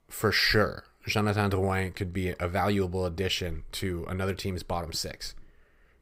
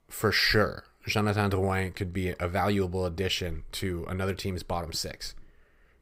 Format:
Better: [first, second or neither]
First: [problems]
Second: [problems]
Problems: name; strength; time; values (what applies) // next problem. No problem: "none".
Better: neither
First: none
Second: none